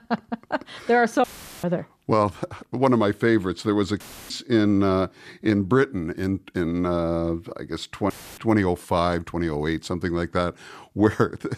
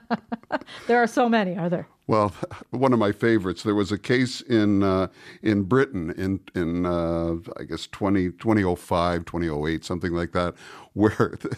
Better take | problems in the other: second | audio cutting out; filled with static; at 1 s, at 4 s and at 8 s

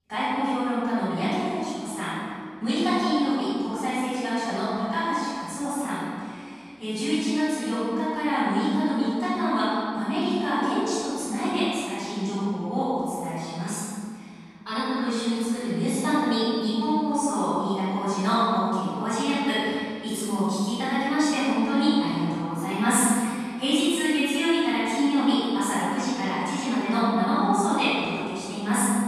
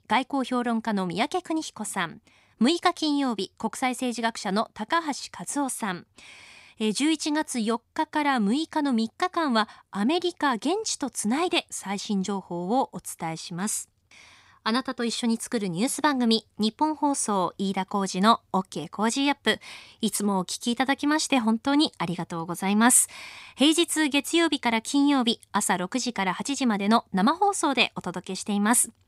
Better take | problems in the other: second | room echo; strong; dies away in 2.1 s // off-mic speech; far

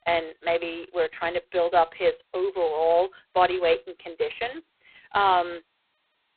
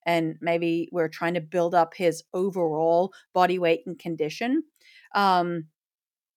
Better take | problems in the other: second | phone-call audio; poor line; nothing above 4 kHz

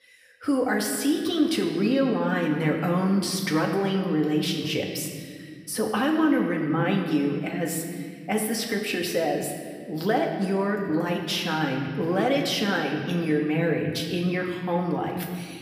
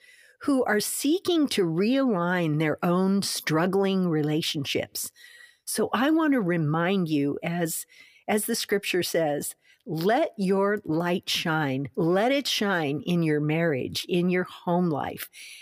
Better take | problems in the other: second | room echo; noticeable; dies away in 1.8 s // off-mic speech; somewhat distant

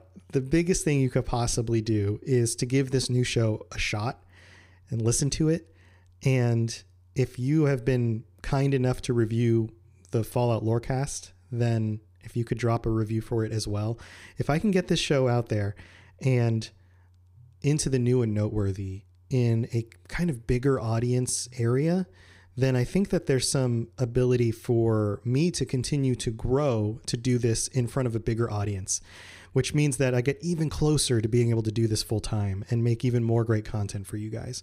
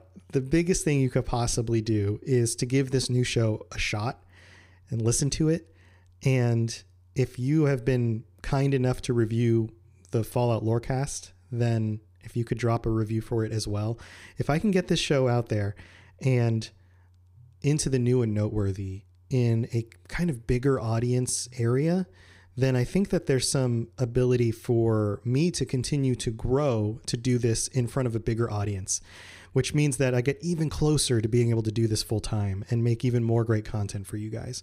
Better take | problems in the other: neither | none

